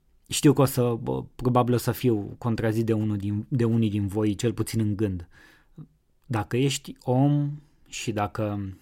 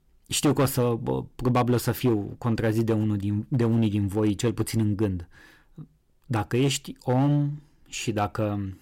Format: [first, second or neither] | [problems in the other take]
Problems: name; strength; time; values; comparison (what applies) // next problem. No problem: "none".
first | distortion; slight; 5% of the sound clipped